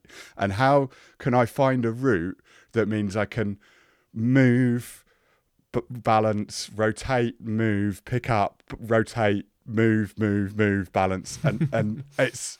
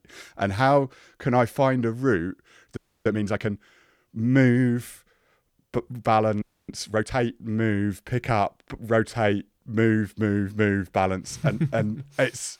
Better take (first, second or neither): first